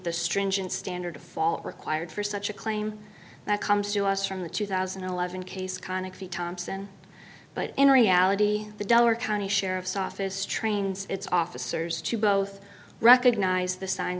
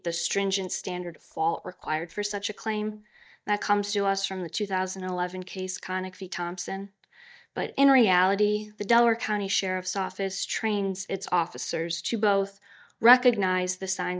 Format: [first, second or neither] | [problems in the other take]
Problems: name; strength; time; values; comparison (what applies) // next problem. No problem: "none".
first | noise reduction (neural mask model DeepFilterNet 3)